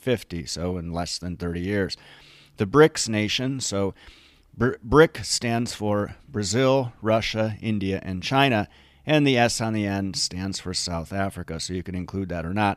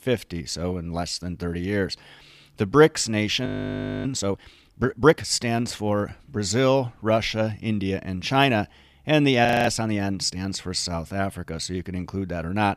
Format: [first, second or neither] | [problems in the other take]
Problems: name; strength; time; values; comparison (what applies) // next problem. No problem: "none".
first | audio freezing; at 3.5 s for 0.5 s and at 9.5 s